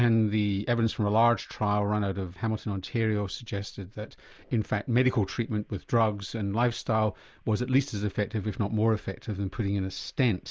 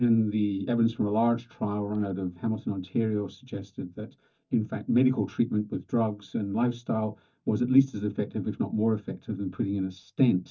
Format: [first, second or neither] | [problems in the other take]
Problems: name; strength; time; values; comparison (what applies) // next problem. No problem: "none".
first | noise reduction (neural mask model DeepFilterNet 3)